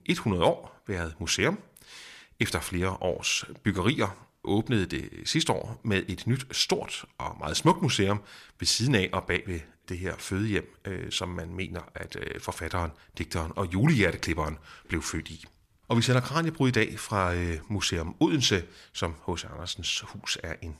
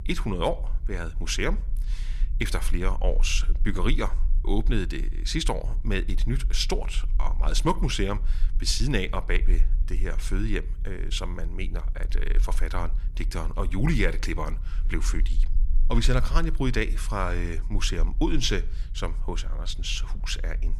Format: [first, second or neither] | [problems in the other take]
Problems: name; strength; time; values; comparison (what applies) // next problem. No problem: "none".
first | low rumble; faint; throughout; 25 dB below the speech